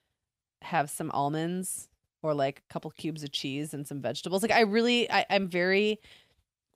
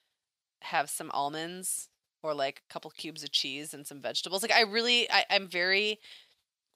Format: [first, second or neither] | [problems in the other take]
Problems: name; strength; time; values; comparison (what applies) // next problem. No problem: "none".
first | thin; somewhat; fading below 950 Hz